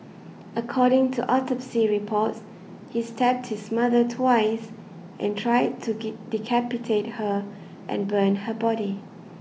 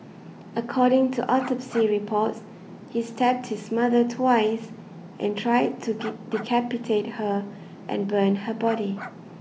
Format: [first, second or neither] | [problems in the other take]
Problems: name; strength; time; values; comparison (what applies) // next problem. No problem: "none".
first | background sound (Bark); 16 dB below the speech